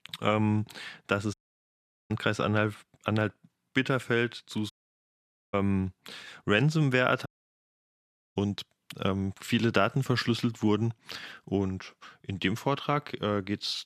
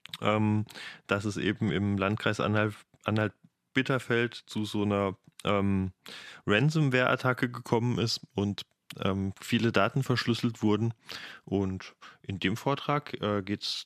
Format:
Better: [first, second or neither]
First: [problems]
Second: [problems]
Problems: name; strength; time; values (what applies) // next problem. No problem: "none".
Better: second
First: audio cutting out; at 1.5 s for 1 s, at 4.5 s for 1 s and at 7.5 s for 1 s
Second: none